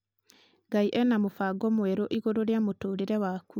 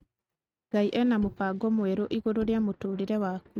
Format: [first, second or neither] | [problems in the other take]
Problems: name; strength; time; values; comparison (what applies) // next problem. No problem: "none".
first | noise reduction (neural mask model RNNoise)